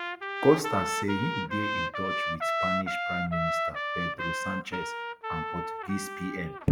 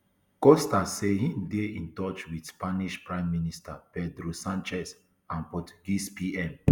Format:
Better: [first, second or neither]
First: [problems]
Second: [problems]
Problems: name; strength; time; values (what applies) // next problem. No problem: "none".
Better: second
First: background sound (Trumpet); 1 dB below the speech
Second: none